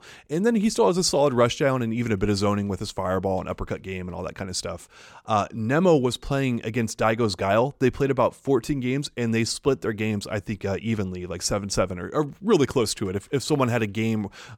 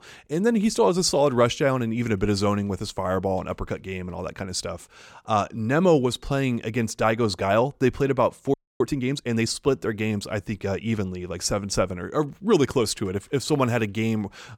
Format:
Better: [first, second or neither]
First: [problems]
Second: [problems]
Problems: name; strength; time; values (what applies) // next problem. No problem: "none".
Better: first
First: none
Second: audio freezing; at 8.5 s